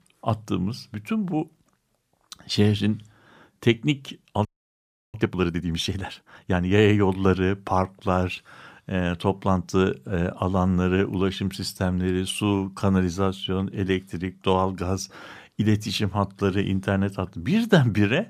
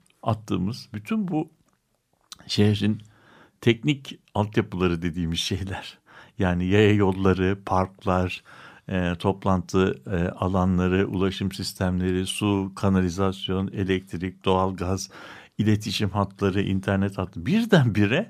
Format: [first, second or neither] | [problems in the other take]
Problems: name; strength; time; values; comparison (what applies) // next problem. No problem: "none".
second | audio freezing; at 4.5 s for 0.5 s